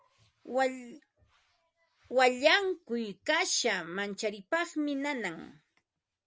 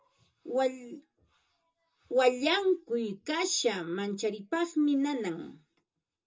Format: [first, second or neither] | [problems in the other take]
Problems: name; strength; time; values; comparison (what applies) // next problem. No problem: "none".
first | room echo; dies away in 0.2 s